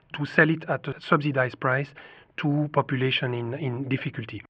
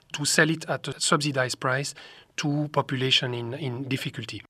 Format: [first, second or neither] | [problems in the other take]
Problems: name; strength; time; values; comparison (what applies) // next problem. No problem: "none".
second | muffled; very; fading above 2.5 kHz